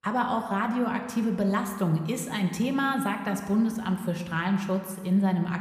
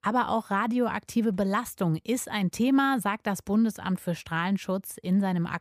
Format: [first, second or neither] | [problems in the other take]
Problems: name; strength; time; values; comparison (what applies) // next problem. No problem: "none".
second | room echo; slight; dies away in 1.2 s